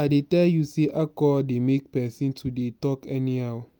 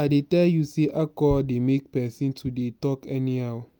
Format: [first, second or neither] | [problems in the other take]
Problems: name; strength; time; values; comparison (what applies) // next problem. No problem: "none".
first | background sound (Bass drum); 18 dB below the speech